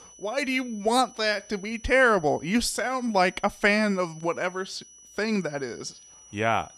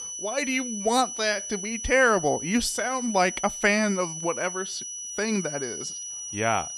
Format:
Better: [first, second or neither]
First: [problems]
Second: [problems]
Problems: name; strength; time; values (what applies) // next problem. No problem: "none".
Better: first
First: high-pitched whine; faint; throughout; 6 kHz, 25 dB below the speech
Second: high-pitched whine; loud; throughout; 6 kHz, 7 dB below the speech